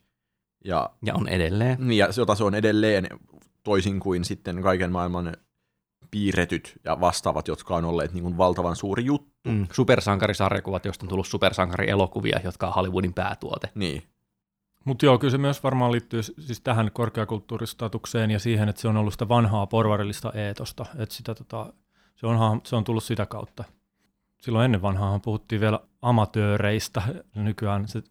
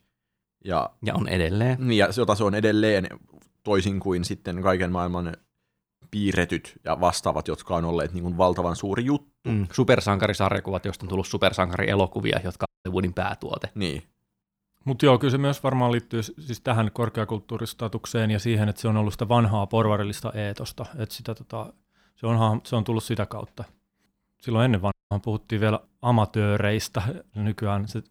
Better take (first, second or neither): first